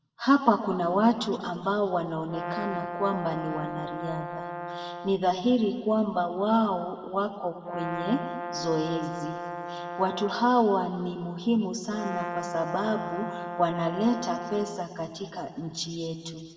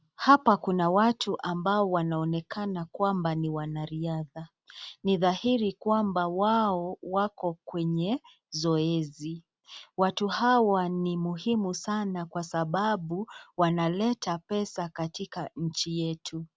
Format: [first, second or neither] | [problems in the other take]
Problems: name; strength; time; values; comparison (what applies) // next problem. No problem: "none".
second | background sound (Brass instrument); 8 dB below the speech // room echo; dies away in 1.9 s